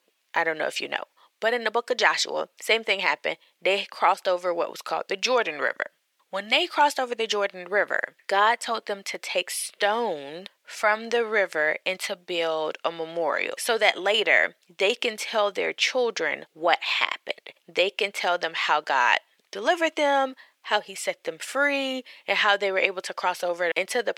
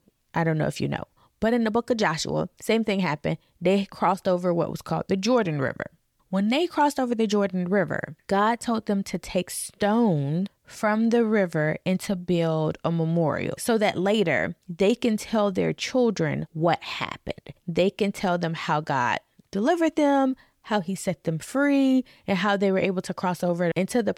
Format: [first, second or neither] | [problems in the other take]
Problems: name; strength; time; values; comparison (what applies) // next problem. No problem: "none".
second | thin; very; fading below 450 Hz